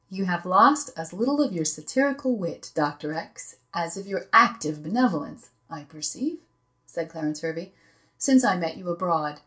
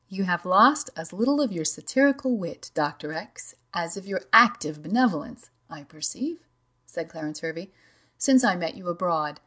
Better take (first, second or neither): second